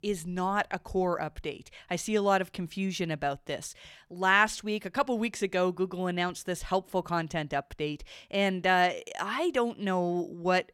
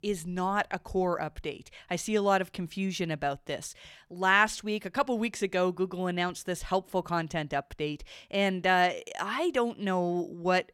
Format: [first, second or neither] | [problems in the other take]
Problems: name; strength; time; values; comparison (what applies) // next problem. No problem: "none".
neither | none